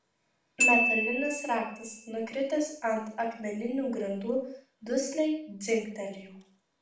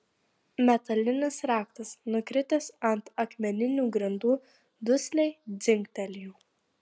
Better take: second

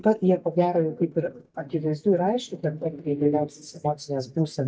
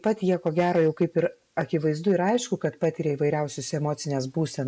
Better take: second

